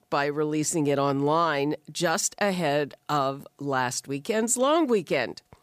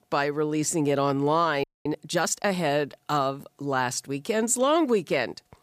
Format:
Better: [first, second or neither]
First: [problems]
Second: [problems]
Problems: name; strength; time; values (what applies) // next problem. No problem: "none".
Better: first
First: none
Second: audio freezing; at 1.5 s